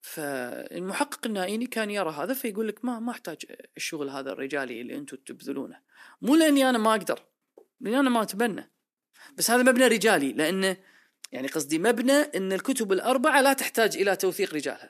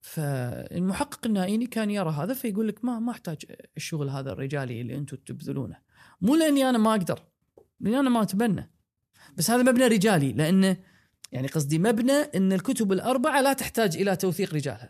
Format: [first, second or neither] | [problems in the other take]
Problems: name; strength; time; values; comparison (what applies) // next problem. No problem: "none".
second | thin; very slightly; fading below 300 Hz